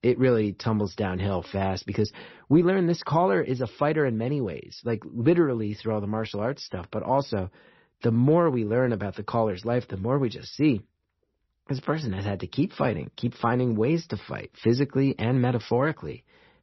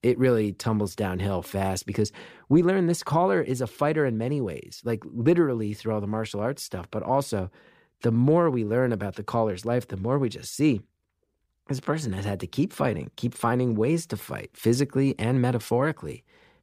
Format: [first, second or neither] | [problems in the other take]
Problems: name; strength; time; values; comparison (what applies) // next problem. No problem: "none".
second | garbled, watery; slightly; nothing above 5.5 kHz